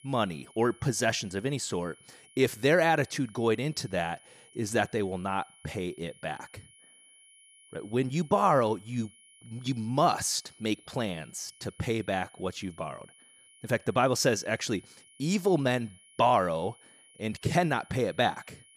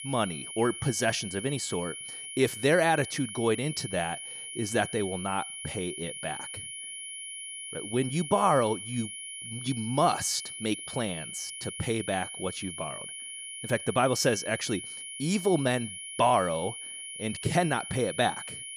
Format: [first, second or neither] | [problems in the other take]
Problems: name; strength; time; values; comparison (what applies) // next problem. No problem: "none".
first | high-pitched whine; loud; throughout; 10.5 kHz, 8 dB below the speech; faint in the first